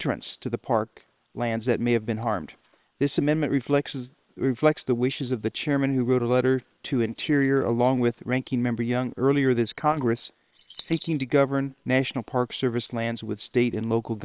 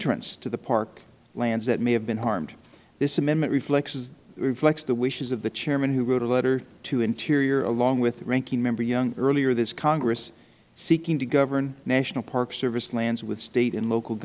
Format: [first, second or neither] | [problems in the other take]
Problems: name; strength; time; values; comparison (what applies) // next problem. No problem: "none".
second | noise reduction (neural separator model SepFormer WHAM!)